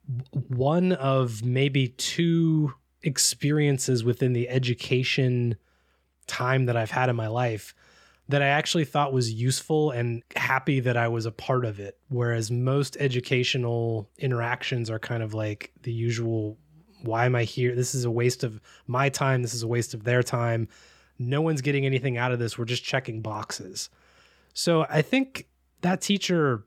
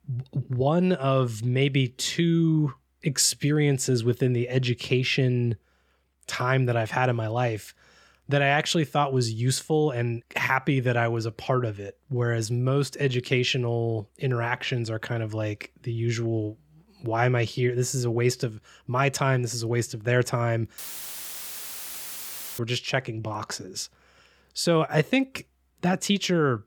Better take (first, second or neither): first